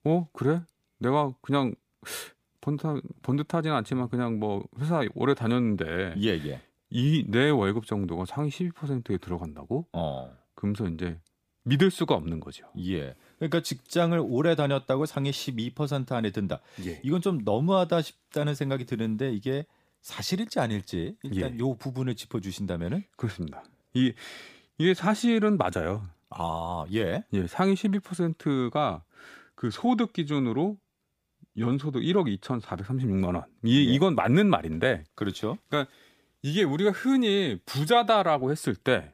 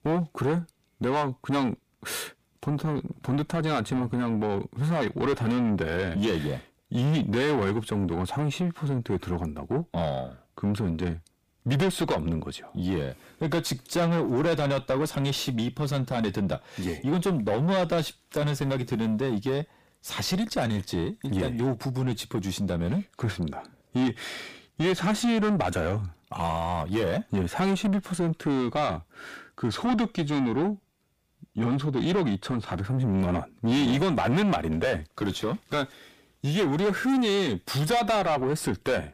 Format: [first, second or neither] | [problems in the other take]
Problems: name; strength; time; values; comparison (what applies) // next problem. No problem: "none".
first | distortion; heavy; 6 dB below the speech